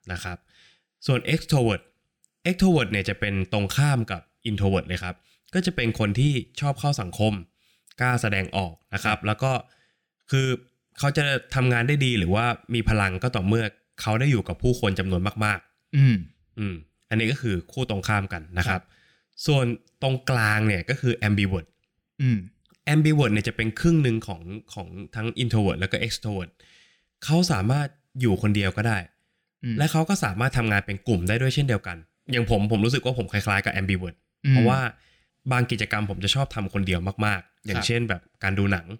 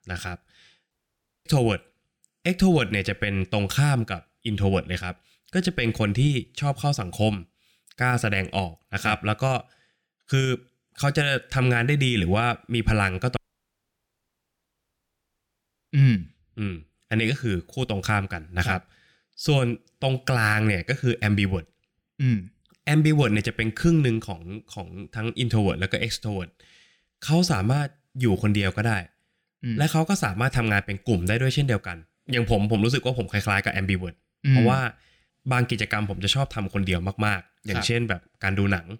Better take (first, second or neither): first